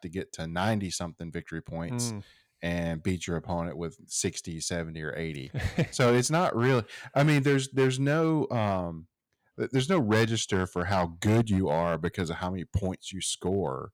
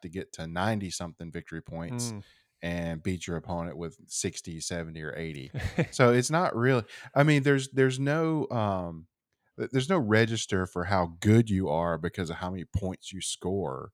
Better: second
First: distortion; slight; 4% of the sound clipped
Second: none

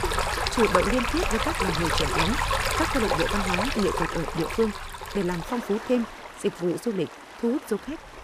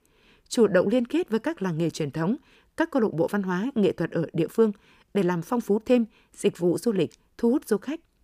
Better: second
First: rain or running water; very loud; throughout; 1 dB above the speech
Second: none

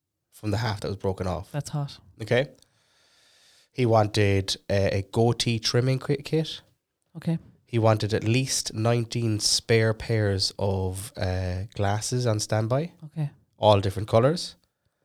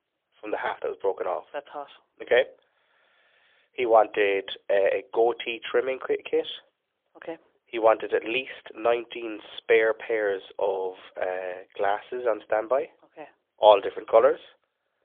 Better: first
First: none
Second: phone-call audio; poor line; nothing above 3.5 kHz

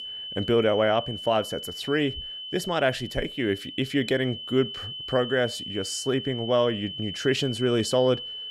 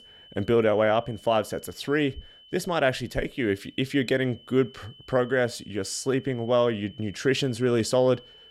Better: second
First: high-pitched whine; loud; throughout; 3 kHz, 8 dB below the speech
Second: high-pitched whine; faint; throughout; 3 kHz, 25 dB below the speech

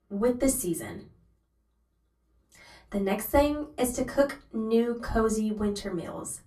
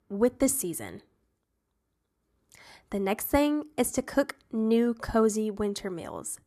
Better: second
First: off-mic speech; far // room echo; very slight; dies away in 0.3 s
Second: none

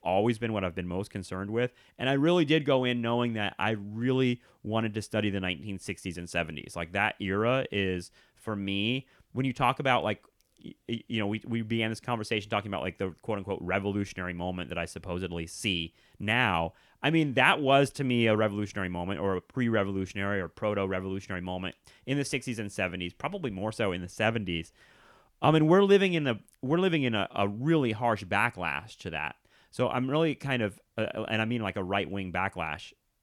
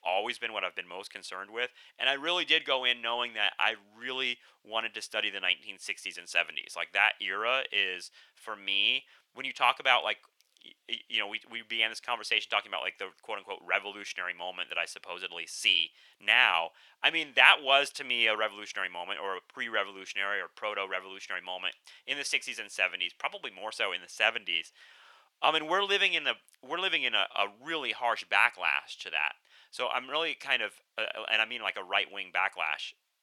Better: first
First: none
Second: thin; very; fading below 800 Hz

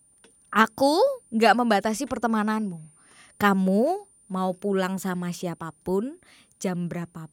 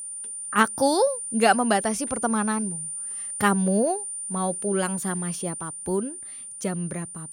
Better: first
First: high-pitched whine; faint; throughout; 9 kHz, 30 dB below the speech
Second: high-pitched whine; loud; throughout; 9 kHz, 6 dB below the speech

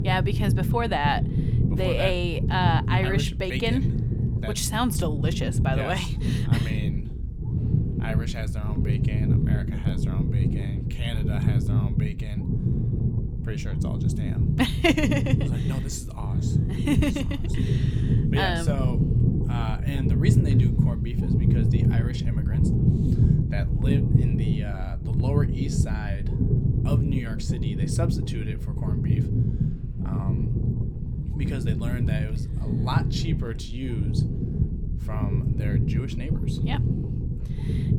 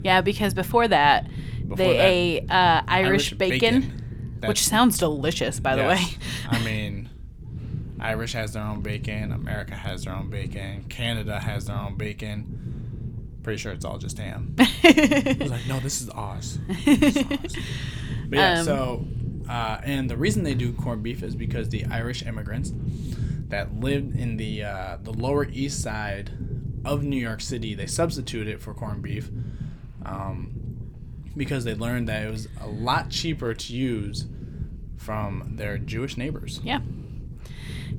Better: second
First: low rumble; loud; throughout; 4 dB below the speech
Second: low rumble; faint; throughout; 20 dB below the speech

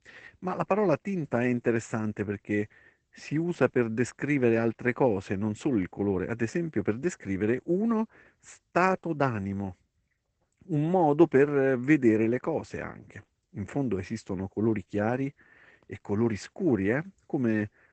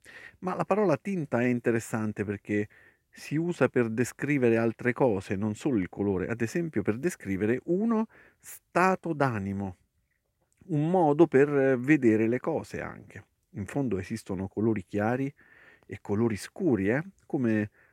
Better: second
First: garbled, watery; badly; nothing above 8 kHz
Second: none

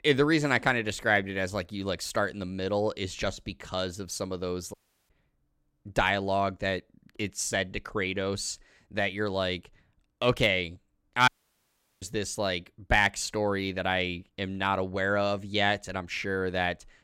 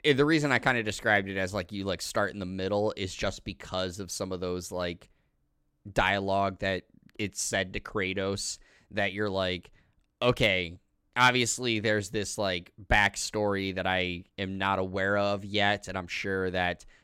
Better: second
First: audio cutting out; at 4.5 s and at 11 s for 0.5 s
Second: none

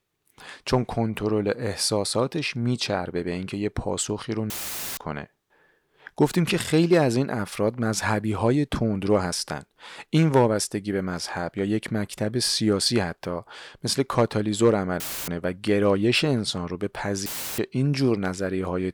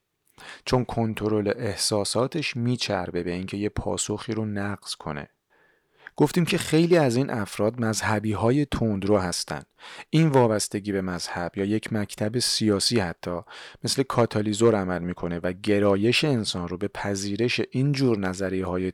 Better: second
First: audio cutting out; filled with static; at 4.5 s, at 15 s and at 17 s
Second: none

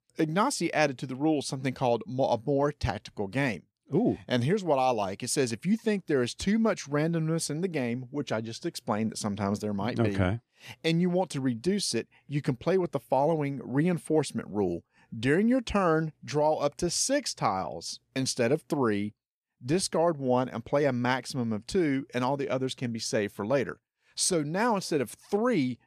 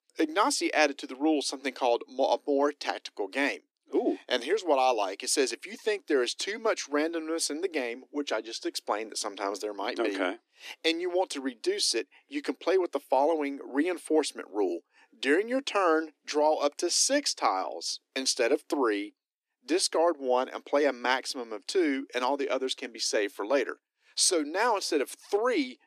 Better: first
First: none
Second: thin; somewhat; fading below 300 Hz

